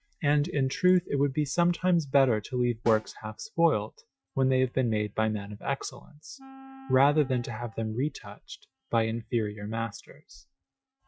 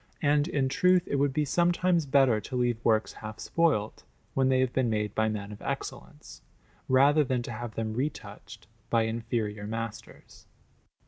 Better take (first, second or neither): second